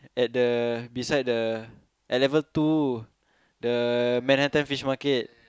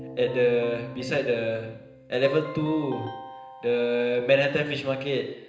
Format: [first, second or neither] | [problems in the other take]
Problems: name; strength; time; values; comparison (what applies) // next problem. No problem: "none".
first | background sound (Keyboard (musical)); 15 dB below the speech // room echo; dies away in 0.9 s